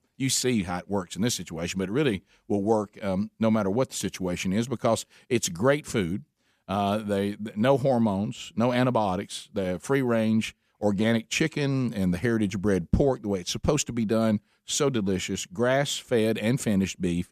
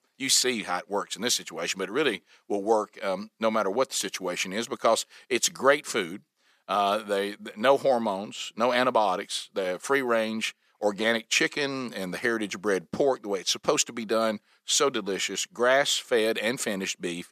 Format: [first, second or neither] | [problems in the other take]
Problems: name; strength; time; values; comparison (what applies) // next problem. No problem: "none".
first | thin; somewhat; fading below 400 Hz